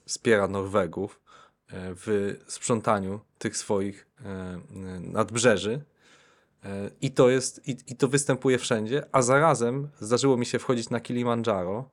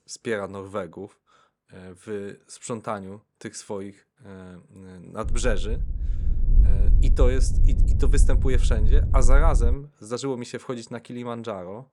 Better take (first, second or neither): first